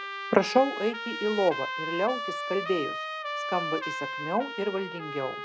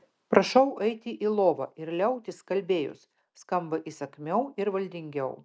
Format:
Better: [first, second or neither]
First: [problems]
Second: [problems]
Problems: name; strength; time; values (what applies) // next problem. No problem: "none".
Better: second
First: background sound (Trumpet); 5 dB below the speech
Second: none